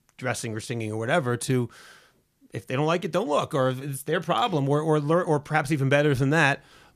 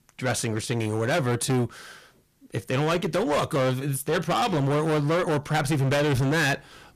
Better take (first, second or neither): first